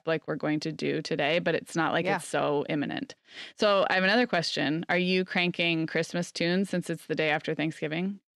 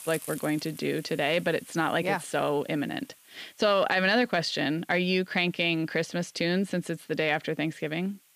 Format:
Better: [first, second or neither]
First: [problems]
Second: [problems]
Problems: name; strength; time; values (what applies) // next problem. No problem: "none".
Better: first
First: none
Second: hiss; faint; throughout; 20 dB below the speech